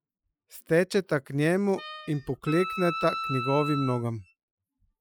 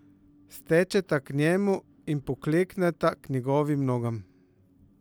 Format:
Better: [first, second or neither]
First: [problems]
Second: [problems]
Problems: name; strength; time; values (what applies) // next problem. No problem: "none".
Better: second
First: noise reduction (classical method Wiener filter)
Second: none